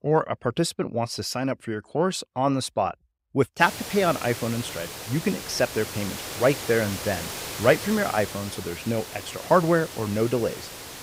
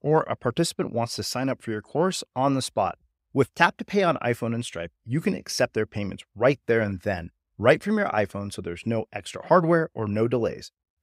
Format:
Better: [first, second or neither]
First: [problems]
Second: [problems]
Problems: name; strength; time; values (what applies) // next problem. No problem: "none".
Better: second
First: hiss; loud; from 3.5 s on; 9 dB below the speech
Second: none